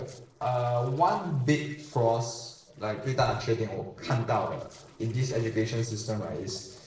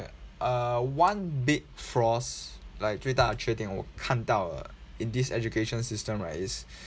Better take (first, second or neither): second